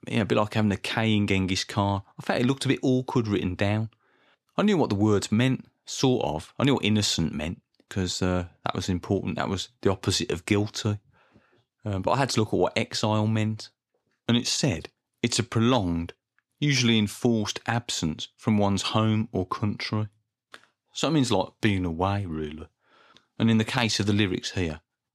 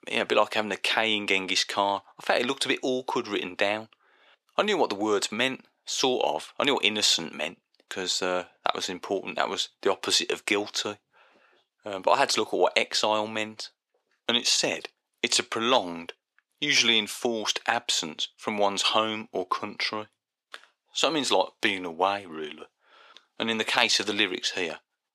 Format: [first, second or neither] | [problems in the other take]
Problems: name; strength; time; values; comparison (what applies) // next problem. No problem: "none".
first | thin; very; fading below 550 Hz